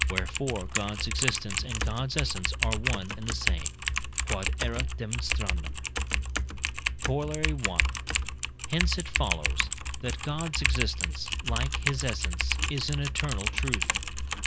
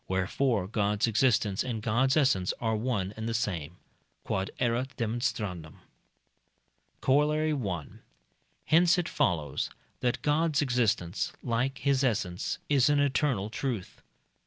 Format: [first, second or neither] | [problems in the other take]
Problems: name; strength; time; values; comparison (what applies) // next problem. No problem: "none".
second | background sound (Typing); 5 dB above the speech